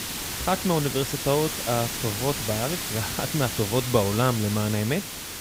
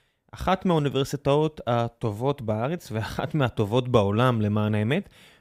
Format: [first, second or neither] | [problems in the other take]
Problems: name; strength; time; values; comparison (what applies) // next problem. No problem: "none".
second | hiss; loud; throughout; 3 dB below the speech